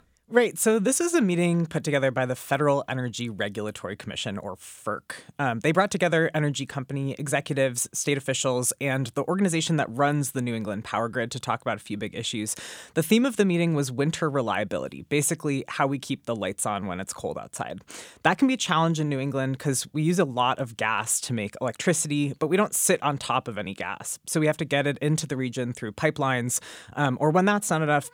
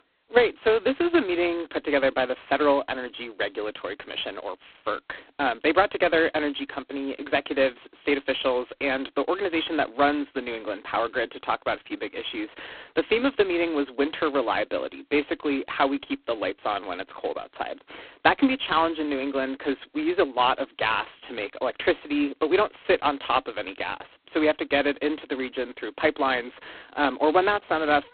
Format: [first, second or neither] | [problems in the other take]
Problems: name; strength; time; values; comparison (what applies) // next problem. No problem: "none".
first | phone-call audio; poor line; nothing above 4 kHz